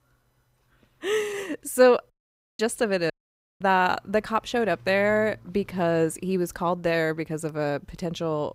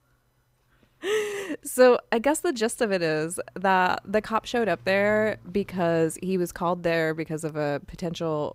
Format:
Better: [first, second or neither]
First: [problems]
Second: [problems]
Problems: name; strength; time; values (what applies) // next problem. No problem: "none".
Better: second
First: audio cutting out; at 2 s and at 3 s for 0.5 s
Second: none